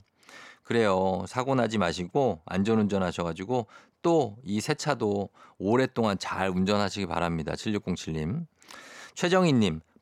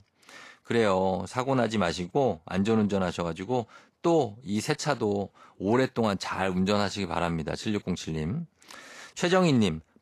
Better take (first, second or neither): first